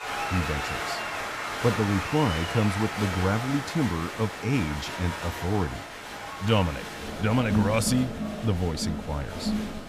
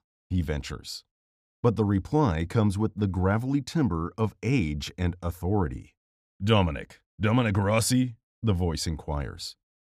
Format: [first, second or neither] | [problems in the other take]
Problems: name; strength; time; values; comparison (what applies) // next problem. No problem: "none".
second | crowd noise; loud; throughout; 4 dB below the speech